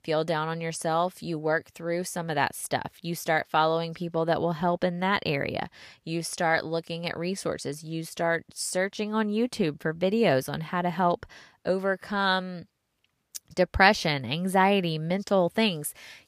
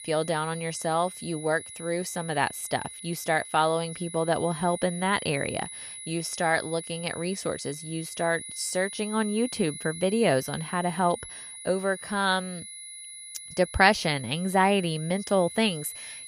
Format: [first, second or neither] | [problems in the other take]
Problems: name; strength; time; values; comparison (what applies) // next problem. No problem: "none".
first | high-pitched whine; noticeable; throughout; 10.5 kHz, 10 dB below the speech